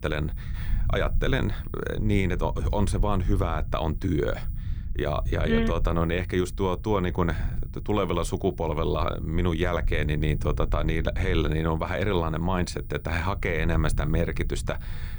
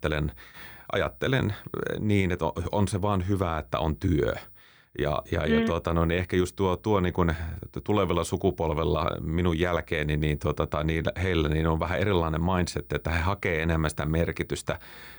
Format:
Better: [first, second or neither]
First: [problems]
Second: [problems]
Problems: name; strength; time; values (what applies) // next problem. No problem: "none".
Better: second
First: low rumble; faint; throughout; 20 dB below the speech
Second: none